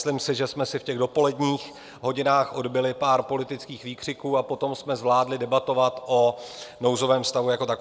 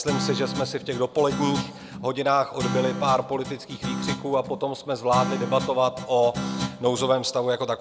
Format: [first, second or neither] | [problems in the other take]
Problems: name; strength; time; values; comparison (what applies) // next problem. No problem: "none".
first | background sound (Guitar); 7 dB below the speech